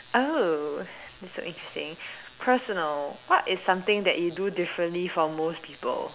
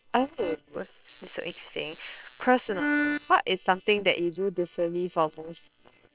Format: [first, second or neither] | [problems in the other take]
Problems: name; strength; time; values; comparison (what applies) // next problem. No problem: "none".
first | noise reduction (neural separator model SepFormer WHAM!)